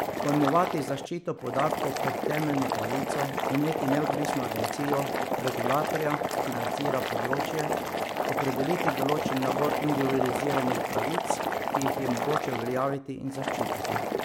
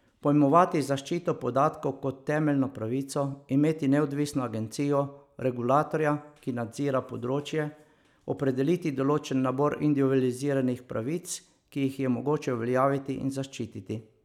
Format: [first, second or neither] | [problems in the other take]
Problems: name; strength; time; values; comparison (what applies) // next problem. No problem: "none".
second | background sound (Boiling); 1 dB above the speech